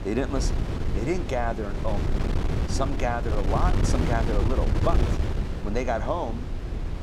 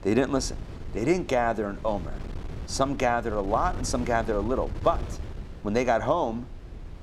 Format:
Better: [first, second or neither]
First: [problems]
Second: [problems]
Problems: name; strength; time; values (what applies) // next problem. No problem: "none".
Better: second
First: wind noise on the microphone; heavy; 6 dB below the speech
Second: wind noise on the microphone; occasional gusts; 20 dB below the speech